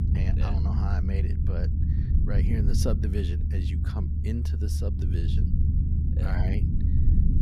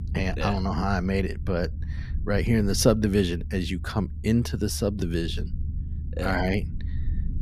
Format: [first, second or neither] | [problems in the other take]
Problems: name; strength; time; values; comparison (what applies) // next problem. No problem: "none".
second | low rumble; loud; throughout; 1 dB below the speech; faint in the second